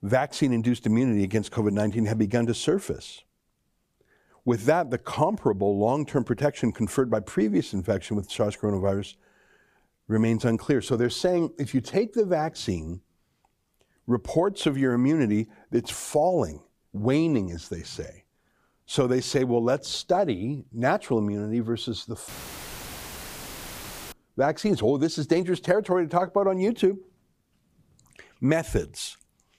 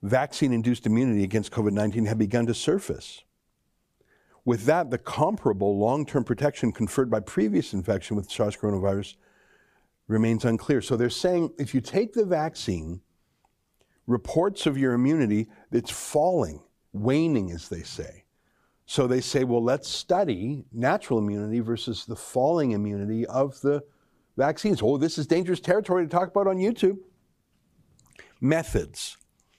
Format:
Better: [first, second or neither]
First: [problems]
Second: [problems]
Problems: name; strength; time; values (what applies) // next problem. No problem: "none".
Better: second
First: audio cutting out; filled with static; at 22 s for 2 s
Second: none